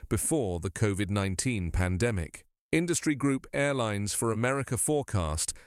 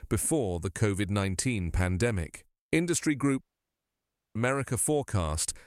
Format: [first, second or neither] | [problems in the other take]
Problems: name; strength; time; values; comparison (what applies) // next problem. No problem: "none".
first | audio cutting out; at 3.5 s for 1 s